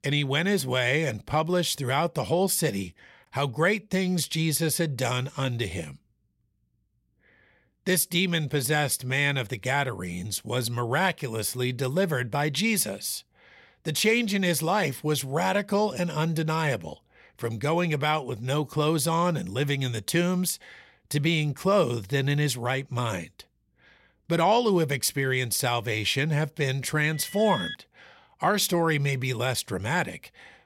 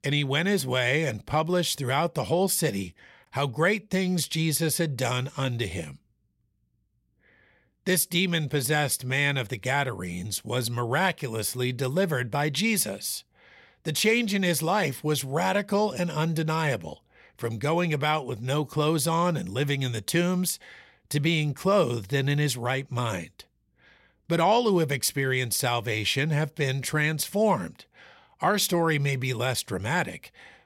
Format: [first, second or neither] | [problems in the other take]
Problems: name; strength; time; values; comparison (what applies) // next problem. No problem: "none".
second | alarm; noticeable; at 27 s; peak 7 dB below the speech